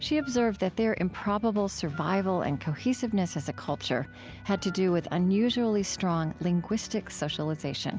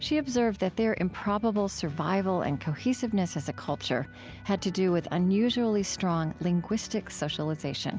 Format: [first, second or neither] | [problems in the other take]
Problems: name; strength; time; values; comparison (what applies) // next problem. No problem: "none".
second | background sound (Wind instrument, woodwind instrument); 19 dB below the speech